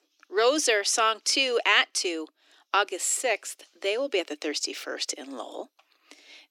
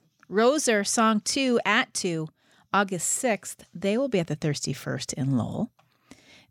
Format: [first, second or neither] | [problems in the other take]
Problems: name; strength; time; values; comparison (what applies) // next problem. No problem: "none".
second | thin; very; fading below 300 Hz